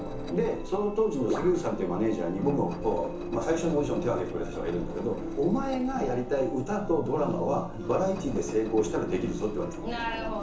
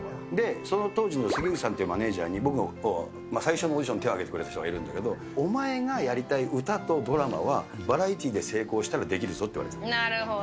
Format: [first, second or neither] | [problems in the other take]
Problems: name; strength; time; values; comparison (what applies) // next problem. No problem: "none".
second | background sound (Engine); 10 dB below the speech // room echo; dies away in 0.7 s